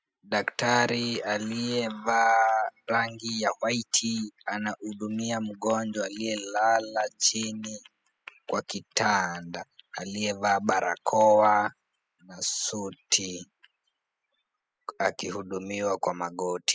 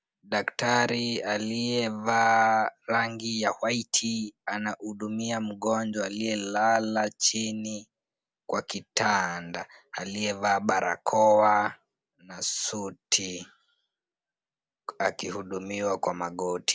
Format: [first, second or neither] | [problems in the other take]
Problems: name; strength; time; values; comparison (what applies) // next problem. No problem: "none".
second | noise reduction (classical method spectral subtraction)